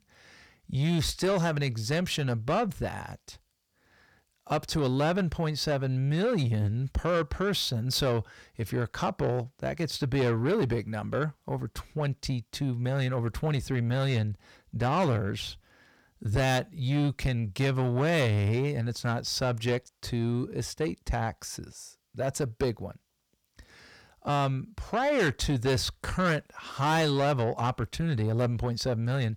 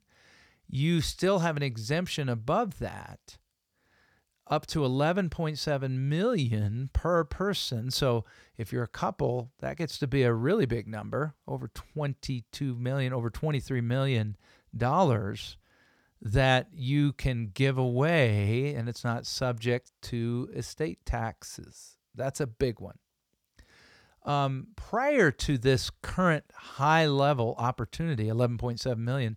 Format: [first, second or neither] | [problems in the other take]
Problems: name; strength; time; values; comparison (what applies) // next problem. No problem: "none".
second | distortion; slight; 10 dB below the speech